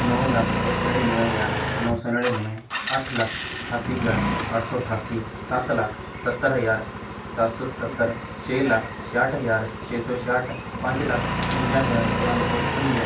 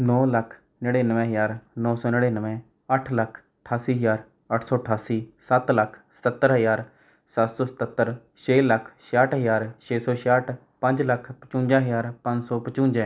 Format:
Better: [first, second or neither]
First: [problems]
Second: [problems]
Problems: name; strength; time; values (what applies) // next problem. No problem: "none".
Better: second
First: background sound (Engine); 1 dB below the speech // room echo; dies away in 0.2 s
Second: none